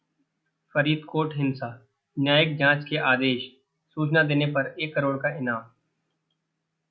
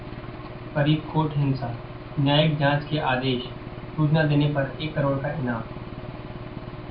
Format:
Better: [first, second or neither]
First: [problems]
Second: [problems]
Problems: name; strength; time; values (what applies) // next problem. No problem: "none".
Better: first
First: none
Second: background sound (Engine / Aircraft); 11 dB below the speech // room echo; dies away in 0.2 s